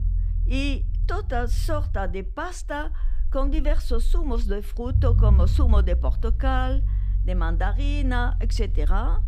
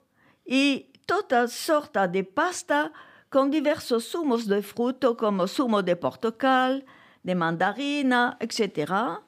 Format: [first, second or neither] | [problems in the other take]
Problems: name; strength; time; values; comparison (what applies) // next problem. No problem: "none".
second | low rumble; noticeable; throughout; 15 dB below the speech